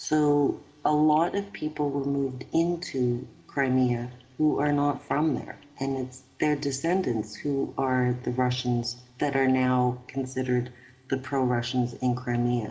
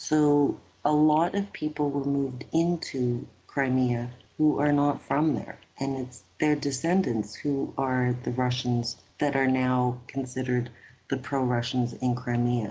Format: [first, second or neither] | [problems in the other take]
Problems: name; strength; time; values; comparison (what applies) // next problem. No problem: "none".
second | room echo; dies away in 0.7 s